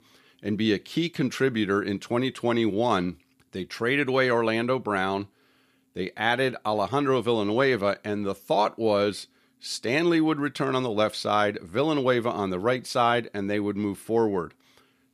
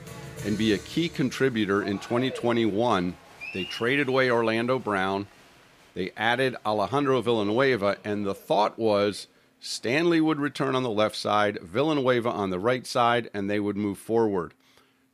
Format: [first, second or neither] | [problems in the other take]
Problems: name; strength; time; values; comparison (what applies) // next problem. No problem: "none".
first | crowd noise; noticeable; throughout; 15 dB below the speech